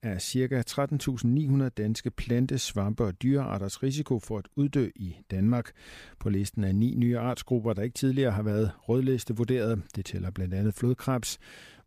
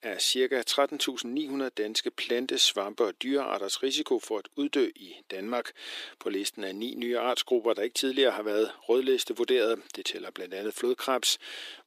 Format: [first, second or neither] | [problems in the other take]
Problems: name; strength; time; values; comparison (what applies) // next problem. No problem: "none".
first | thin; very; fading below 300 Hz